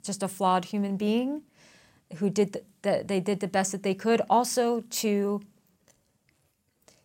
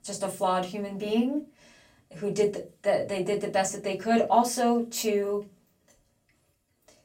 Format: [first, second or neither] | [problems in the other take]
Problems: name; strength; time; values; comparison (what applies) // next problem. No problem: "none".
first | off-mic speech; far // room echo; very slight; dies away in 0.2 s